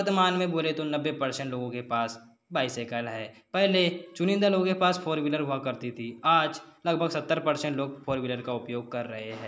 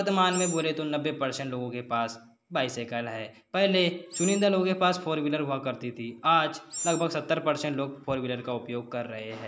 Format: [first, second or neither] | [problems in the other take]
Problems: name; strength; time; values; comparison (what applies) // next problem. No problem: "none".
first | background sound (Animal); 11 dB below the speech